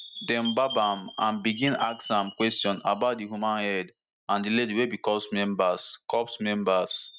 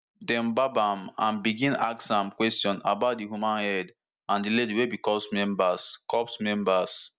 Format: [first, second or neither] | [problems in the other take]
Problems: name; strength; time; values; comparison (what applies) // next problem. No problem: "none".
second | noise reduction (neural mask model RNNoise)